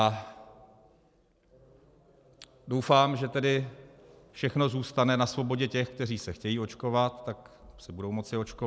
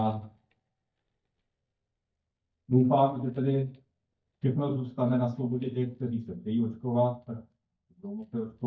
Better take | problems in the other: first | noise reduction (neural mask model DeepFilterNet 3)

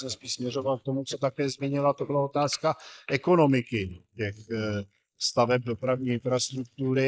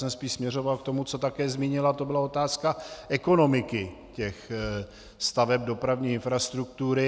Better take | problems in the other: second | noise reduction (neural mask model Resemble Enhance denoiser)

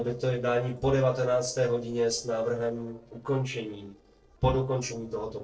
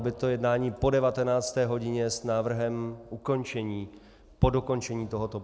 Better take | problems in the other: second | noise reduction (neural separator model SepFormer DNS4)

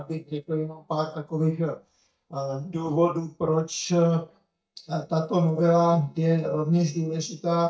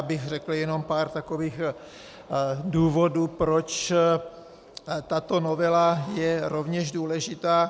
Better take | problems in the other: second | noise reduction (neural mask model DeepFilterNet 3)

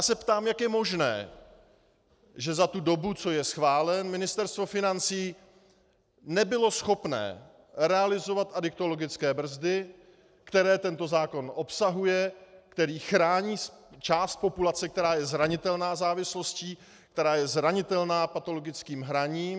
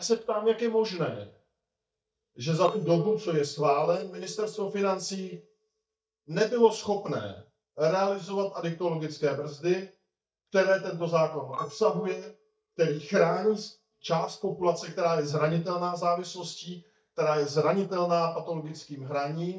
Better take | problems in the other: first | noise reduction (neural mask model DeepFilterNet 3)

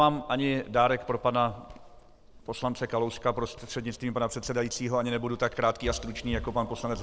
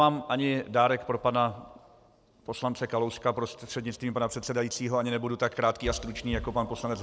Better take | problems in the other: second | background sound (Walk, footsteps); 19 dB below the speech

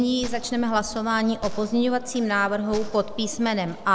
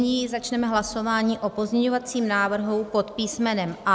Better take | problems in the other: second | background sound (Gunshot, gunfire); 11 dB below the speech

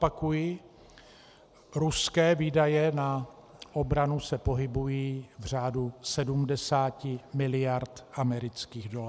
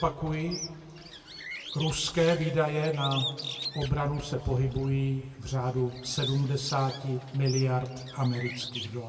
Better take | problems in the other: first | background sound (Bird); 12 dB below the speech // room echo; dies away in 1.5 s

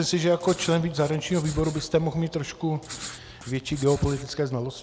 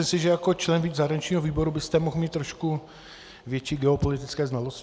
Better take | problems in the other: second | background sound (Writing); 15 dB below the speech

